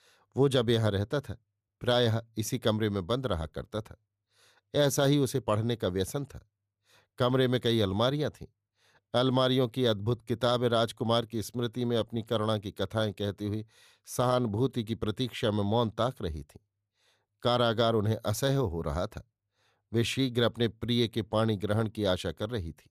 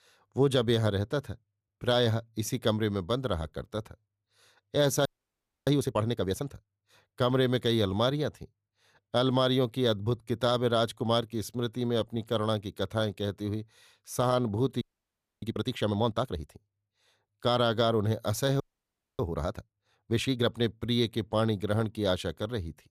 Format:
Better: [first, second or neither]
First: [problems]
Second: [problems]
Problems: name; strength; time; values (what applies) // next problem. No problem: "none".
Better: first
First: none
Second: audio freezing; at 5 s for 0.5 s, at 15 s for 0.5 s and at 19 s for 0.5 s